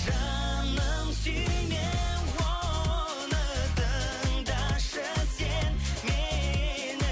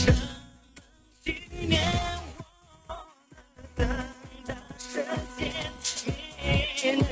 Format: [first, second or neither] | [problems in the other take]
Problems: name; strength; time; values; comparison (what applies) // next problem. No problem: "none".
first | noise reduction (neural mask model RNNoise)